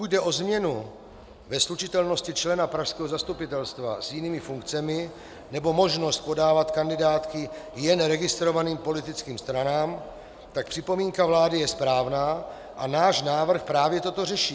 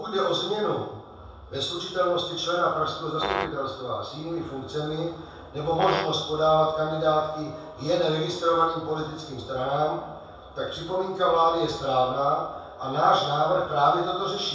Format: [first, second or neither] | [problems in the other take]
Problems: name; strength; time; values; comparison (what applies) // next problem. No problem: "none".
first | background sound (Brass instrument); 6 dB below the speech // room echo; dies away in 0.7 s